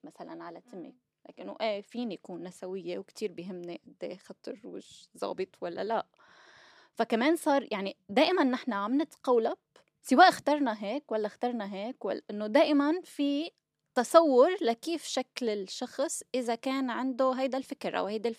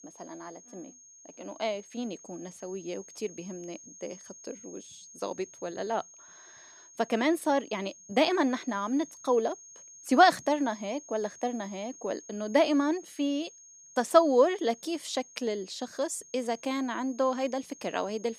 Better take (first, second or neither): first